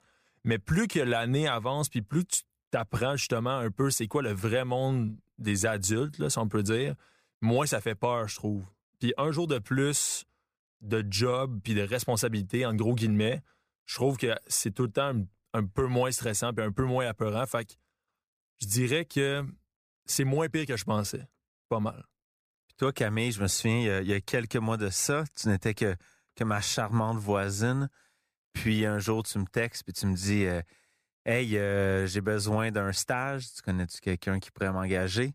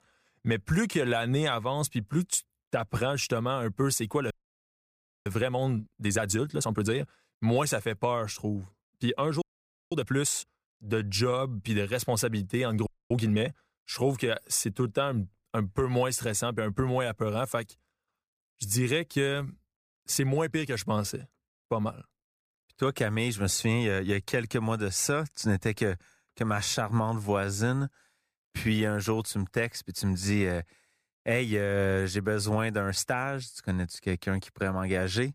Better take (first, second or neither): first